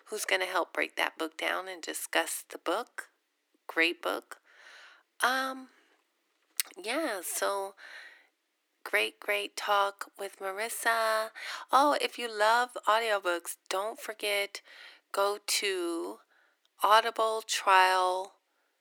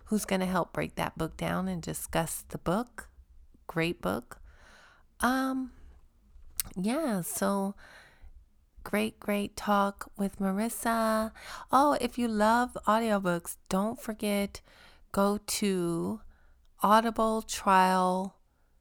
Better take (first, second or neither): second